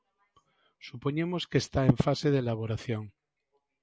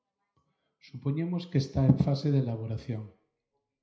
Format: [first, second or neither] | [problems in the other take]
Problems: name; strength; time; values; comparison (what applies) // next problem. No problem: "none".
first | room echo; dies away in 0.5 s